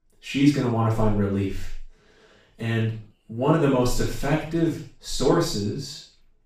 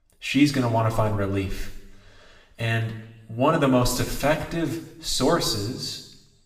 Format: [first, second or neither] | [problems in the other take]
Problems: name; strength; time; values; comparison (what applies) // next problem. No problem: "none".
second | room echo; strong; dies away in 0.4 s; slight in the second // off-mic speech; far; somewhat distant in the second